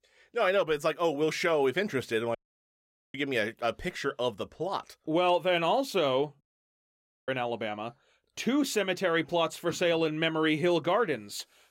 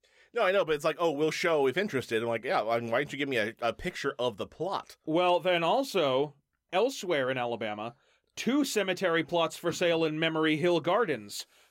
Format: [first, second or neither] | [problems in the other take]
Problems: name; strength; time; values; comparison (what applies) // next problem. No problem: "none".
second | audio cutting out; at 2.5 s for 1 s and at 6.5 s for 1 s